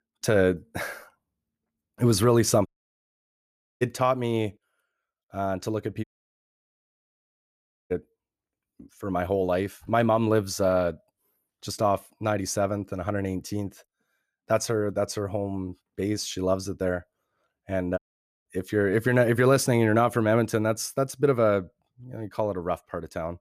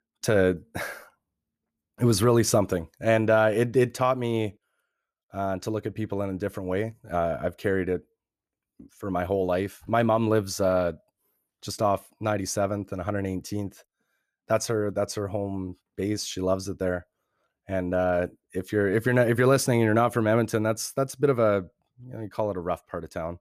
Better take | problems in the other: second | audio cutting out; at 2.5 s for 1 s, at 6 s for 2 s and at 18 s

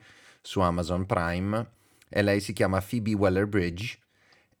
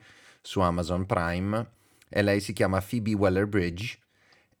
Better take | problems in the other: neither | none

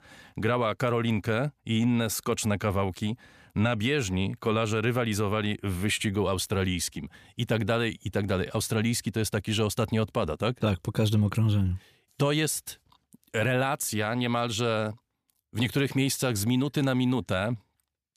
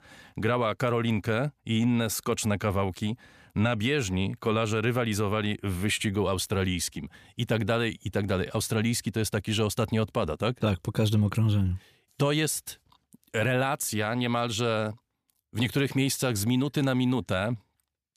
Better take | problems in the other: neither | none

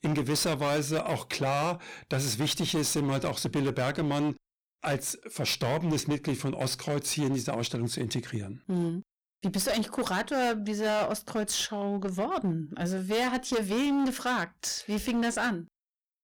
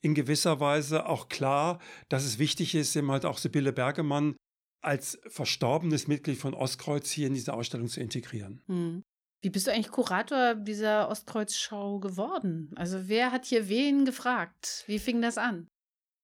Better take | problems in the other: second | distortion; heavy; 20% of the sound clipped

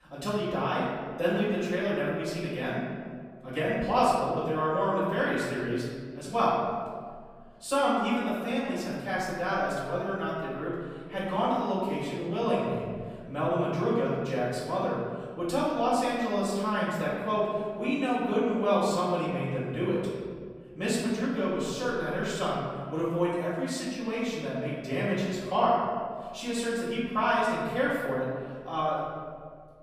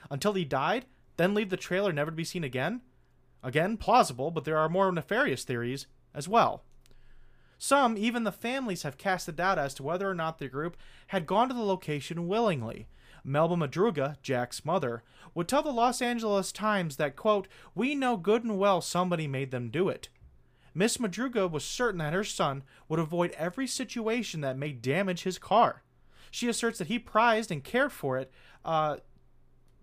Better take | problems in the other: second | off-mic speech; far // room echo; strong; dies away in 1.7 s

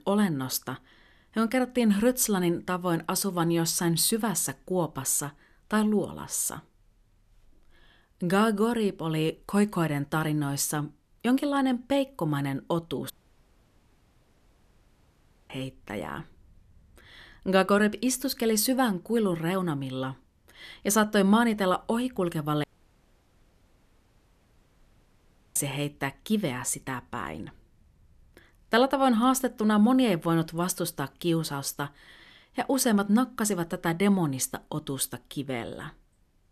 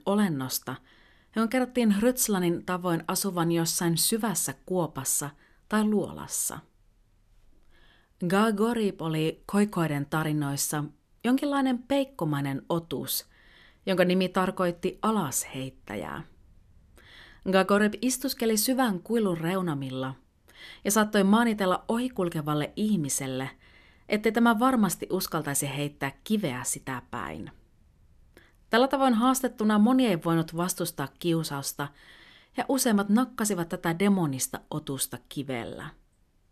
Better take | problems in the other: second | audio cutting out; at 13 s for 2.5 s and at 23 s for 3 s

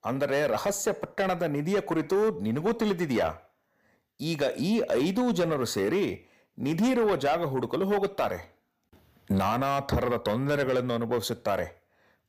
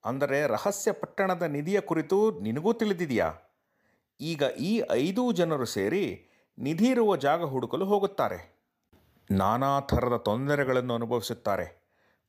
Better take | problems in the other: second | distortion; slight; 10 dB below the speech

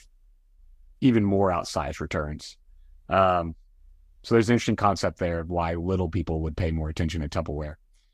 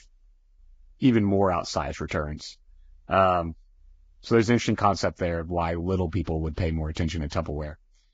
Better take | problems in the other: first | garbled, watery; badly; nothing above 7.5 kHz; slightly in the first

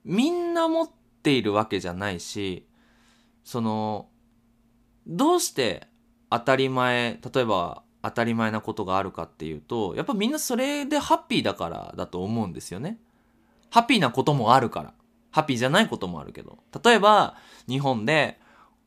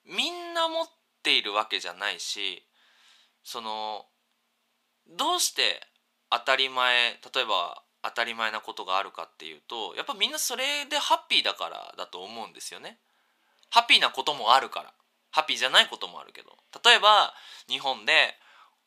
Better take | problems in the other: first | thin; very; fading below 750 Hz

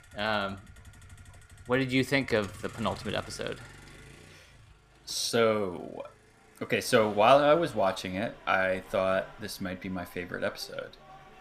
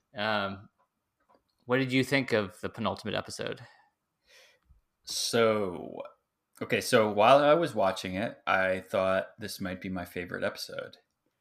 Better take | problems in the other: second | traffic noise; faint; throughout; 20 dB below the speech

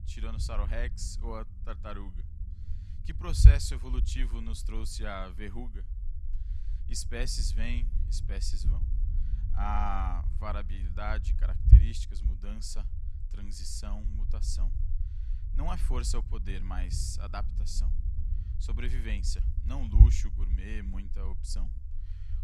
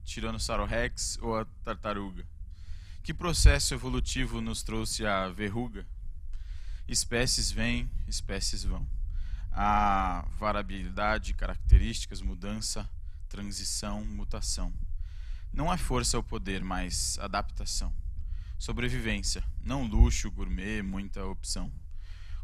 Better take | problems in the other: second | low rumble; loud; throughout; 8 dB below the speech; faint in the second

